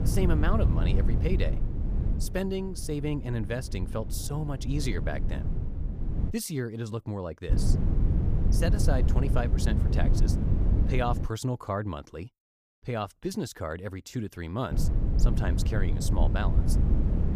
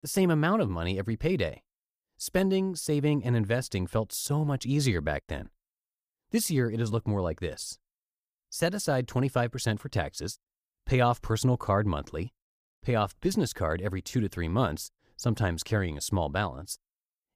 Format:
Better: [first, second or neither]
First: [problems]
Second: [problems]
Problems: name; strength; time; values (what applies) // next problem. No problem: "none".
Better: second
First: wind noise on the microphone; heavy; until 6.5 s, from 7.5 to 11 s and from 15 s on; 6 dB below the speech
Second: none